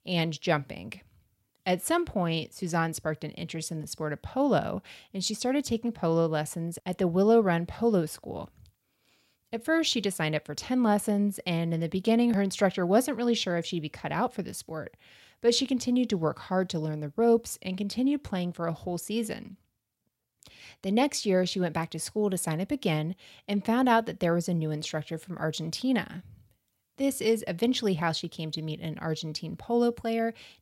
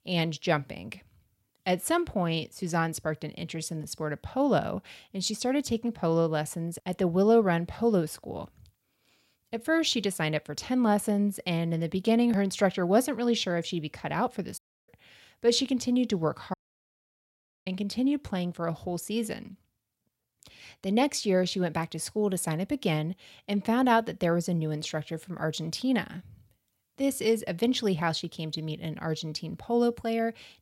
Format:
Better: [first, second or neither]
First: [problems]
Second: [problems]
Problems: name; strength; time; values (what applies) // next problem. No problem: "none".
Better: first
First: none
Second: audio cutting out; at 15 s and at 17 s for 1 s